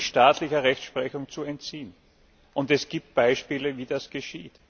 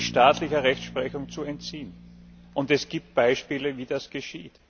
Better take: first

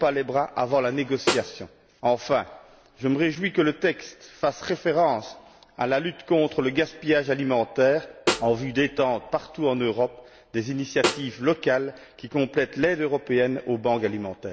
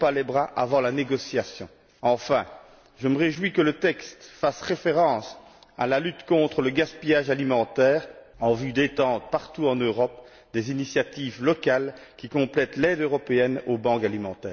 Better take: second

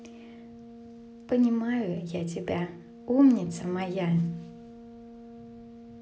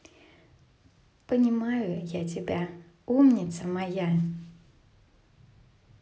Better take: second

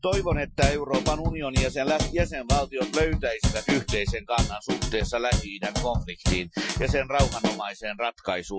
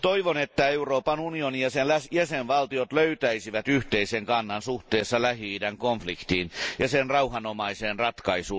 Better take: second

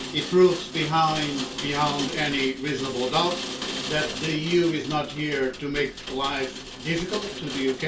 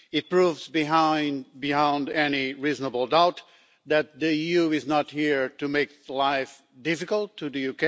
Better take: second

